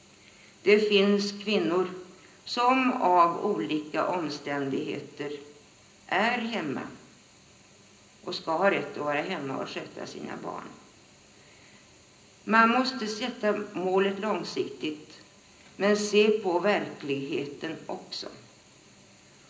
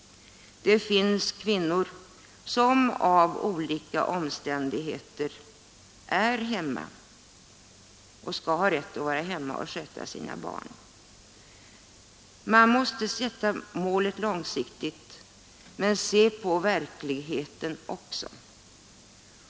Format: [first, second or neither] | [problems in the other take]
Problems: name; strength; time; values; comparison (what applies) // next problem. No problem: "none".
second | room echo; dies away in 0.5 s